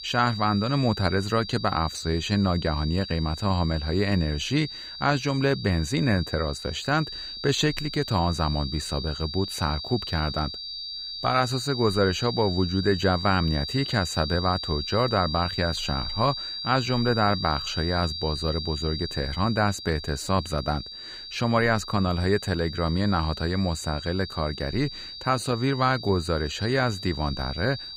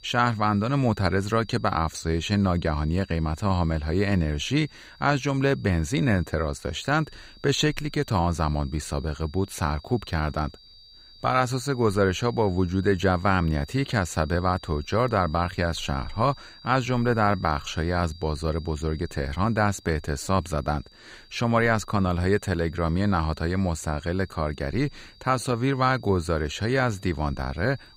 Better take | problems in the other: second | high-pitched whine; loud; throughout; 4.5 kHz, 8 dB below the speech; faint in the second

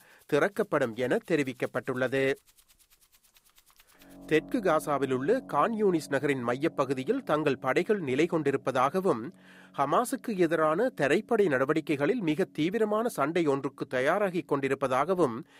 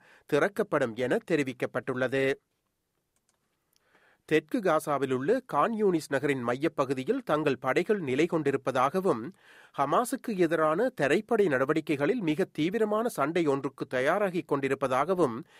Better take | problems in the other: second | background music; faint; throughout; 25 dB below the speech

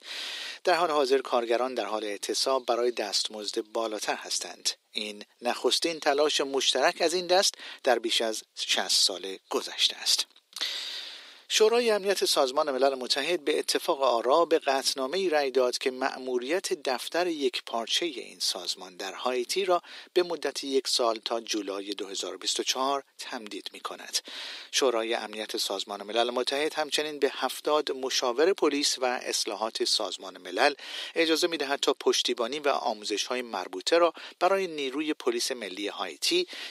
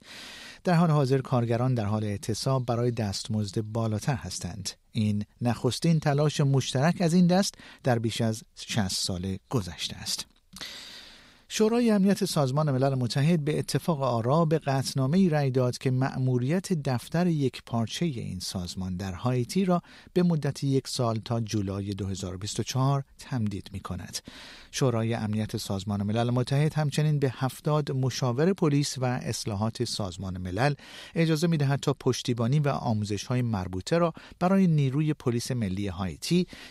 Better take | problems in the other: second | thin; very; fading below 300 Hz

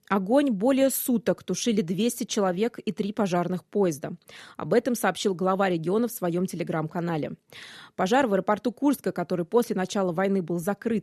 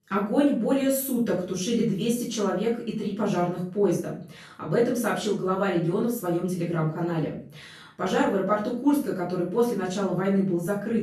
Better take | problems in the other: first | off-mic speech; far // room echo; noticeable; dies away in 0.4 s

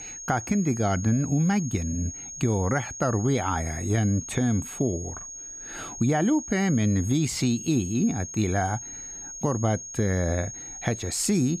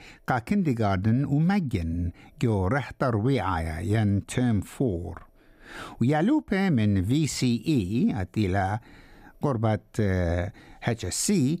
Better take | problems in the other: second | high-pitched whine; loud; throughout; 6.5 kHz, 10 dB below the speech

